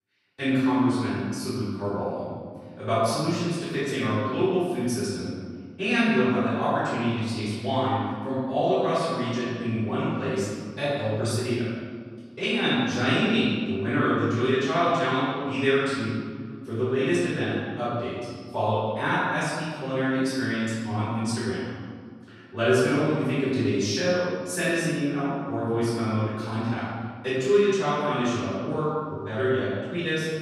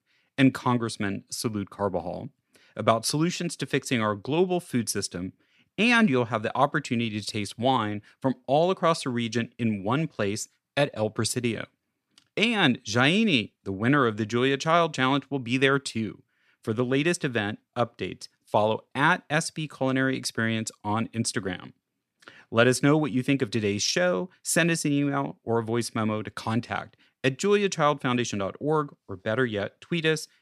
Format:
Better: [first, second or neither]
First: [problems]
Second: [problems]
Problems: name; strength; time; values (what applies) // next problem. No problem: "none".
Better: second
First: off-mic speech; far // room echo; strong; dies away in 1.7 s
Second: none